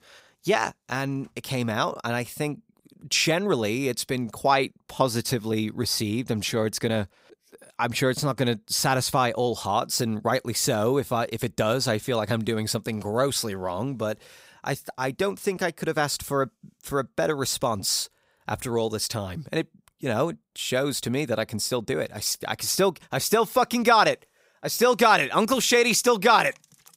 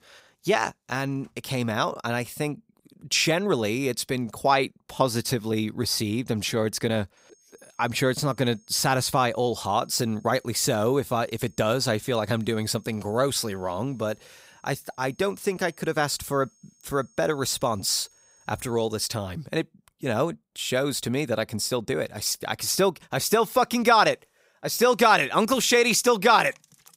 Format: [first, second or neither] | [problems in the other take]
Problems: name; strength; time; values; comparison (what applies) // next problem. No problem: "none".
first | high-pitched whine; faint; from 7 to 19 s; 6.5 kHz, 35 dB below the speech